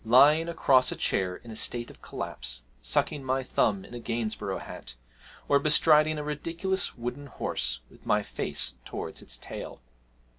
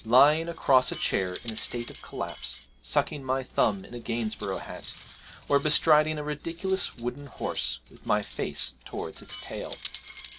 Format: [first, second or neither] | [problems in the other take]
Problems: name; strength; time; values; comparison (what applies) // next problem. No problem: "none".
first | background sound (Cutlery, silverware); 19 dB below the speech